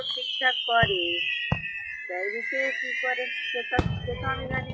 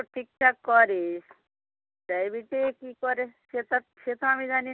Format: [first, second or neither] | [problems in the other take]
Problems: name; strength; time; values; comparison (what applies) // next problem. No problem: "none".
second | noise reduction (classical method WPE with log-MMSE)